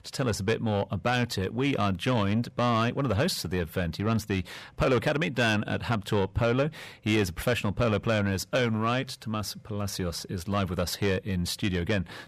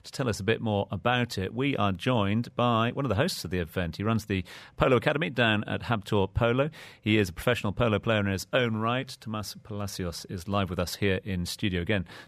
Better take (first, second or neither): second